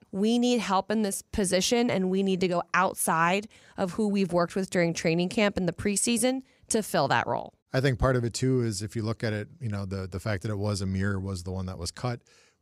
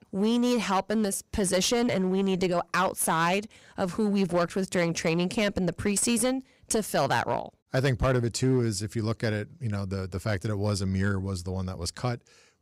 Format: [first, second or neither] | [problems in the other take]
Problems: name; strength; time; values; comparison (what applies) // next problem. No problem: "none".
first | distortion; slight; 6% of the sound clipped